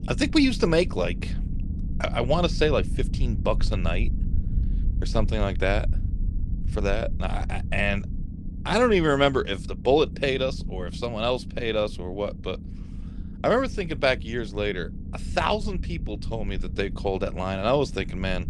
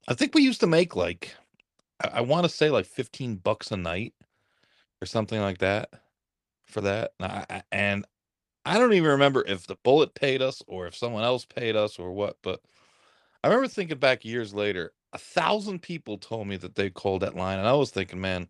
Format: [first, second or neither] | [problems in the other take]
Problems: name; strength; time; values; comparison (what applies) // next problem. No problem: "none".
second | low rumble; noticeable; throughout; 20 dB below the speech